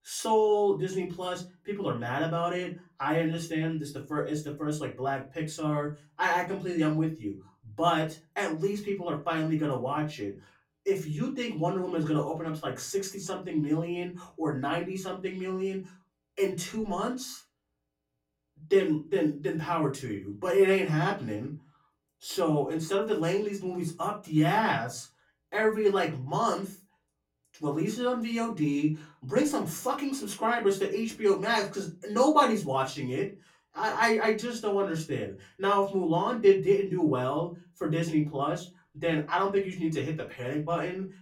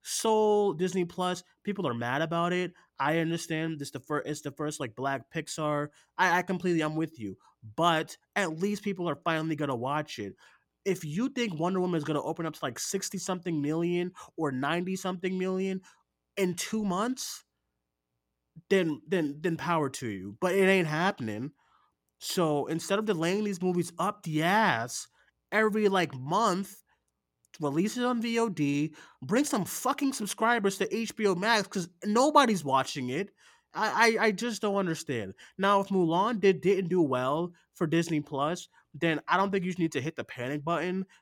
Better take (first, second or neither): second